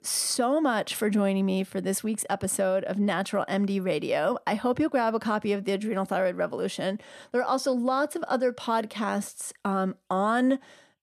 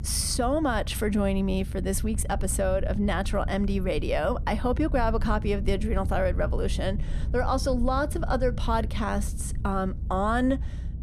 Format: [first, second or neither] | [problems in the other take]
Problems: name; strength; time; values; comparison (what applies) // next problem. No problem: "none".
first | low rumble; noticeable; throughout; 20 dB below the speech